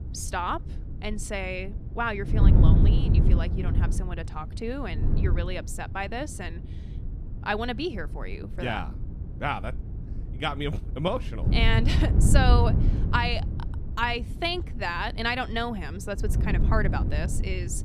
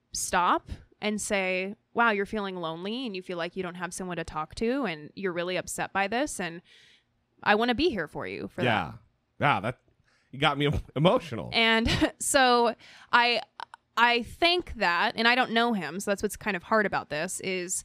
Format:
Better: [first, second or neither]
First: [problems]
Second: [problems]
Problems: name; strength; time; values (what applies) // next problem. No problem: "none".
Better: second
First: wind noise on the microphone; heavy; 9 dB below the speech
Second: none